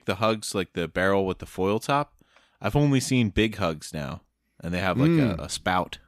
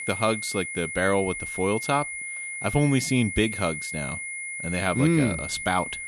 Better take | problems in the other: first | high-pitched whine; loud; throughout; 2 kHz, 6 dB below the speech

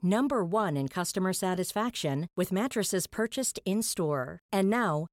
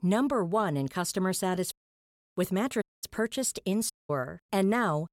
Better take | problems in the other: first | audio cutting out; at 1.5 s for 0.5 s, at 3 s and at 4 s

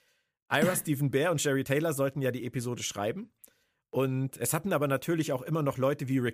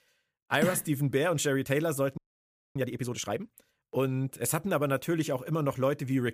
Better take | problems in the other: first | audio freezing; at 2 s for 0.5 s

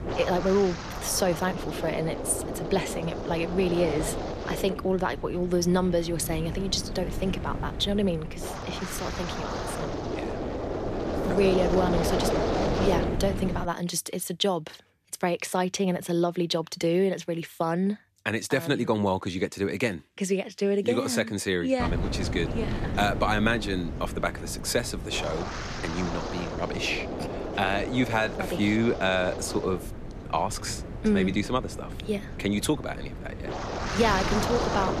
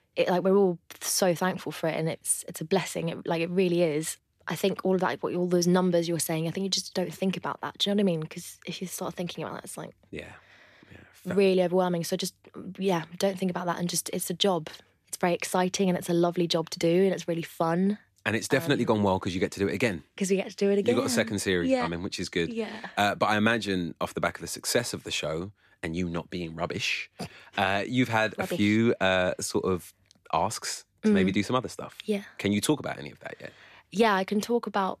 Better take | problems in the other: second | wind noise on the microphone; heavy; until 14 s and from 22 s on; 5 dB below the speech

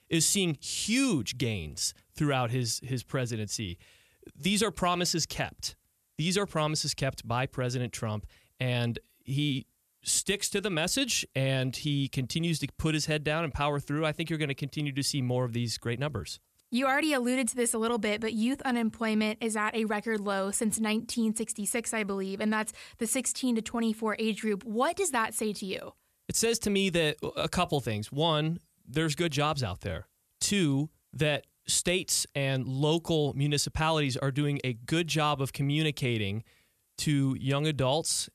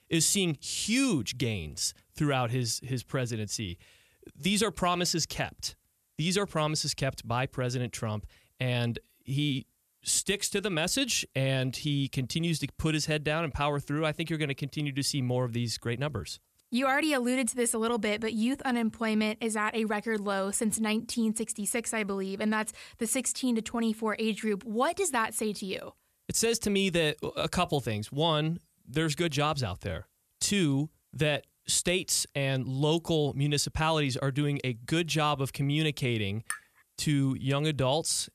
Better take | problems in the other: first | clattering dishes; noticeable; at 37 s; peak 9 dB below the speech

